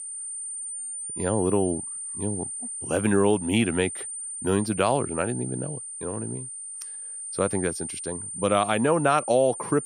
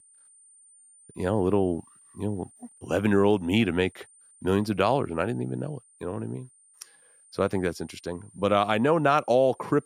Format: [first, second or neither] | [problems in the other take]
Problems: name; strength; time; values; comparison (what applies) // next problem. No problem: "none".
second | high-pitched whine; loud; throughout; 9 kHz, 7 dB below the speech; faint in the second